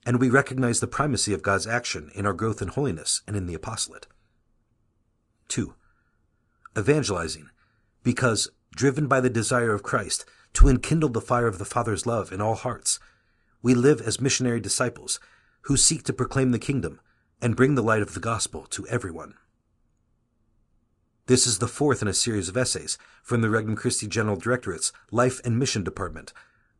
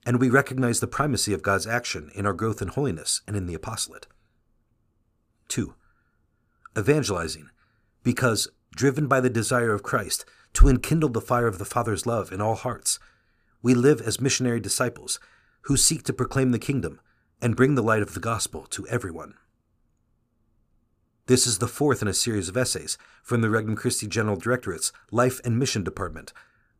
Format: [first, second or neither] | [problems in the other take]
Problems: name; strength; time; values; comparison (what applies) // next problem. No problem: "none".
second | garbled, watery; slightly; nothing above 10 kHz